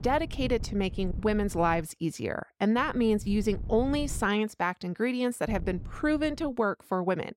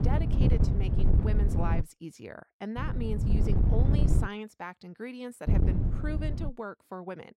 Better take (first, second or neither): first